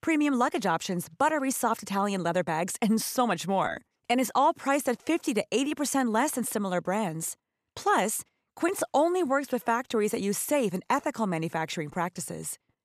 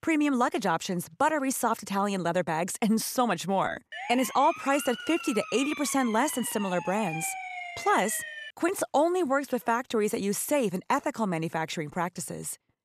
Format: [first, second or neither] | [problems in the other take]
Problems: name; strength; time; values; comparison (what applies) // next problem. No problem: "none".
first | siren; noticeable; from 4 to 8.5 s; peak 7 dB below the speech